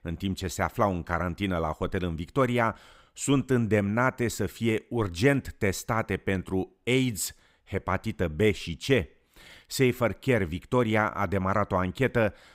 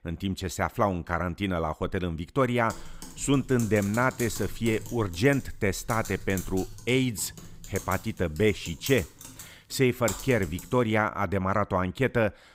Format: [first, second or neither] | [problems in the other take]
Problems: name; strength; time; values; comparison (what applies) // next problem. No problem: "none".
first | keyboard typing; noticeable; from 2.5 to 11 s; peak 8 dB below the speech